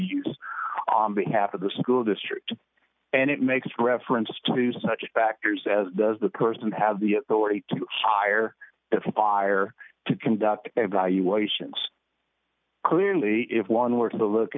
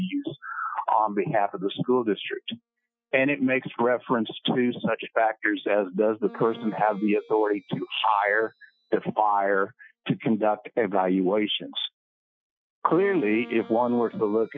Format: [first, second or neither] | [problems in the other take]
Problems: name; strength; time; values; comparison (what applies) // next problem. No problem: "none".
first | noise reduction (classical method Wiener filter)